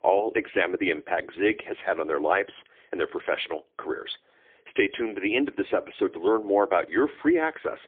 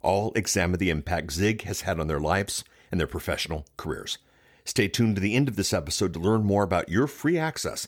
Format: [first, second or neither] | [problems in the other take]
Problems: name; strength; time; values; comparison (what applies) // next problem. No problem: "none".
second | phone-call audio; poor line; nothing above 3.5 kHz